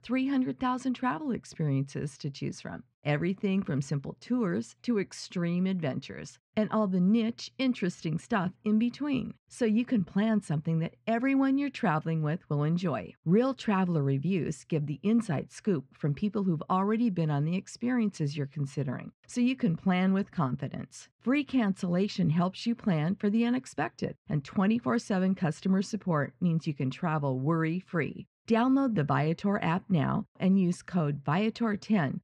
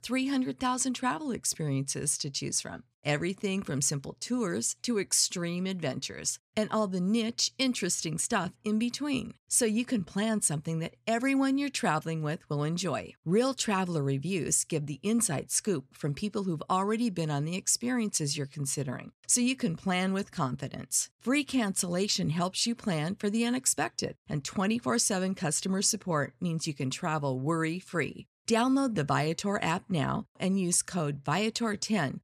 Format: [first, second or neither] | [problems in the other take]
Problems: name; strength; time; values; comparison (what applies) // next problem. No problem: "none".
second | muffled; very; fading above 2.5 kHz